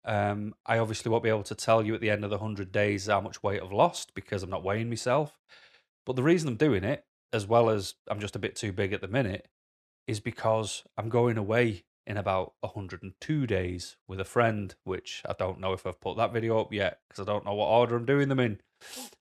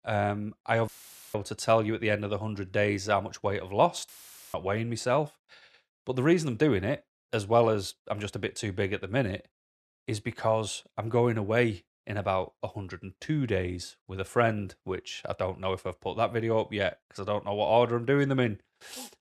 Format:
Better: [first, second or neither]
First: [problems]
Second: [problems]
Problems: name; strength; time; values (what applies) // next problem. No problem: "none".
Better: first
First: none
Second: audio cutting out; filled with static; at 1 s and at 4 s